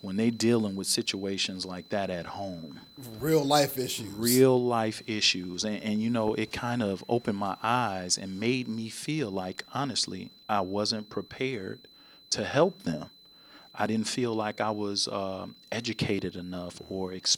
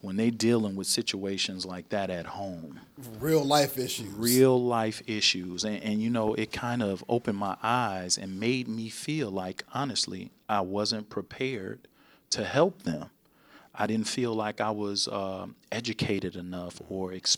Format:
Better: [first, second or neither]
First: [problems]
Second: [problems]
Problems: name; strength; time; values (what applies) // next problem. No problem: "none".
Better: second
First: high-pitched whine; faint; throughout; 4 kHz, 25 dB below the speech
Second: none